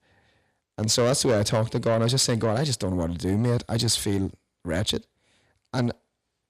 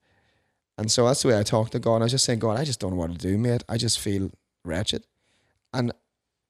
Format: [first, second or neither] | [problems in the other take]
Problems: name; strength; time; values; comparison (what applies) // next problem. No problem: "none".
second | distortion; slight; 10 dB below the speech